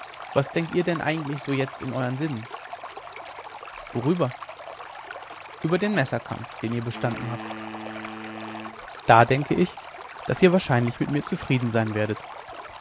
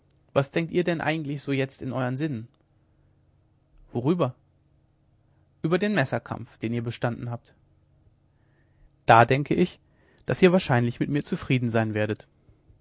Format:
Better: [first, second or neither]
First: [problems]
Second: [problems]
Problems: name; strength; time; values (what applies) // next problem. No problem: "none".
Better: second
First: background sound (Stream + Wind instrument, woodwind instrument); 12 dB below the speech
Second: none